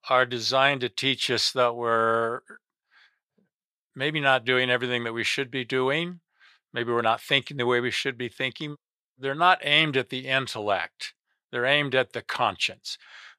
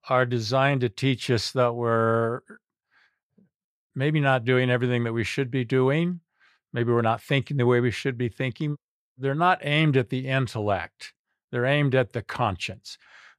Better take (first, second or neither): second